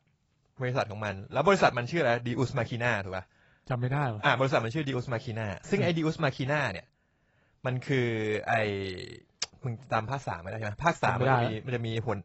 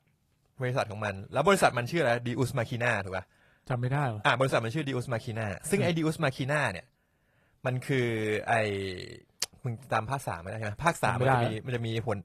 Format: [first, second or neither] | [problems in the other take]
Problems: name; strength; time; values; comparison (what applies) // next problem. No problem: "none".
second | garbled, watery; badly; nothing above 8 kHz; slightly in the second